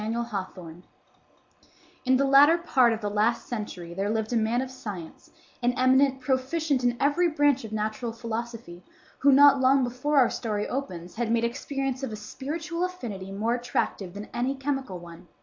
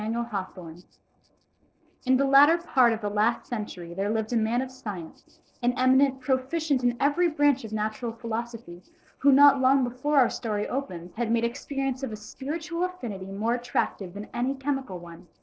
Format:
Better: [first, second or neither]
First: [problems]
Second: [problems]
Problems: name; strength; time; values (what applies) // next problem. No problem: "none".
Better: first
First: none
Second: noise reduction (neural separator model SepFormer DNS4)